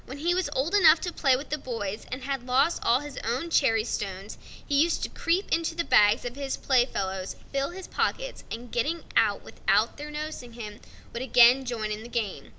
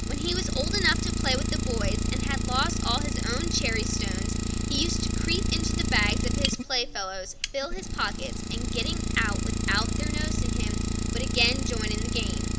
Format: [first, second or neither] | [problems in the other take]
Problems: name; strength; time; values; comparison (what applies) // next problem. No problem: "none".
first | background sound (Idling); 3 dB above the speech